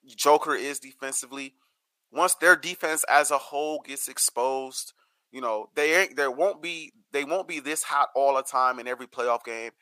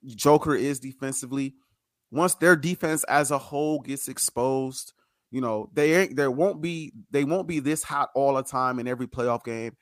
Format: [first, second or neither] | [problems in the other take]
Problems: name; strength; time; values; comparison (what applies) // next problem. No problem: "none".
second | thin; very; fading below 650 Hz